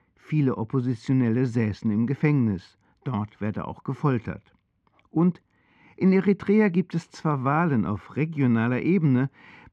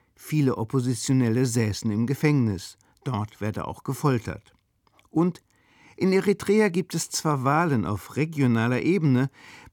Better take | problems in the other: second | muffled; slightly; fading above 2.5 kHz

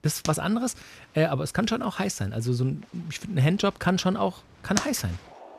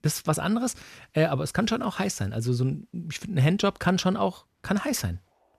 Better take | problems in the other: second | household noises; loud; throughout; 8 dB below the speech; faint in the second

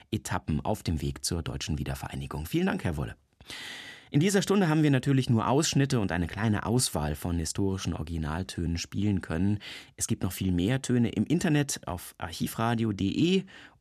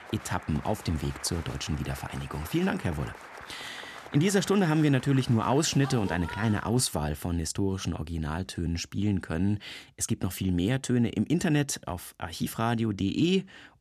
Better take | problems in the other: first | crowd noise; noticeable; until 7 s; 15 dB below the speech

